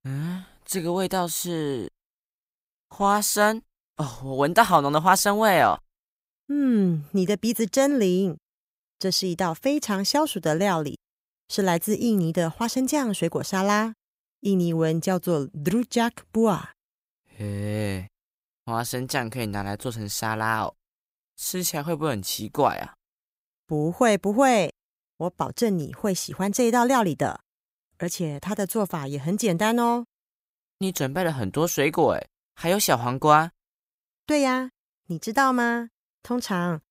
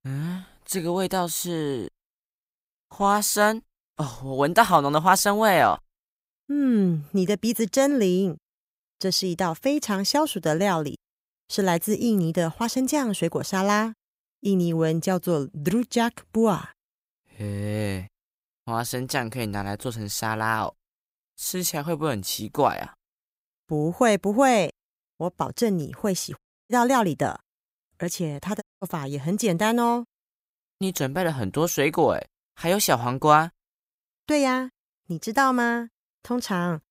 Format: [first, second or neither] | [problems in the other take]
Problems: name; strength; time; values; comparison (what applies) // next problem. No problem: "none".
first | audio cutting out; at 26 s and at 29 s